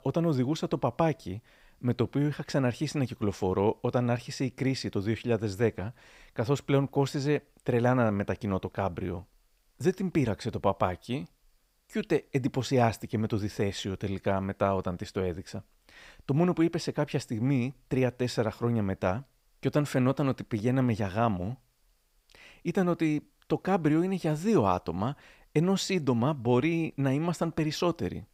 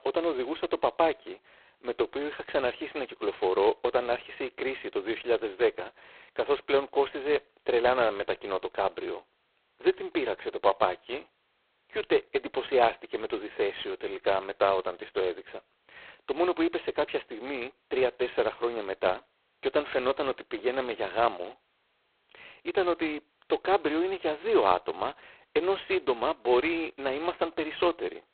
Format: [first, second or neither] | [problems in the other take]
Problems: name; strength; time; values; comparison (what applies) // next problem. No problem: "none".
first | phone-call audio; poor line; nothing above 4 kHz